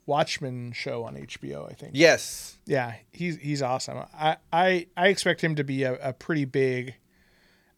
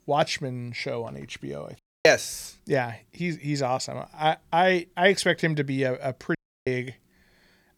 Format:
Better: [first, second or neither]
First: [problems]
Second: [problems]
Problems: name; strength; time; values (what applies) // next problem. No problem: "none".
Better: first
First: none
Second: audio cutting out; at 2 s and at 6.5 s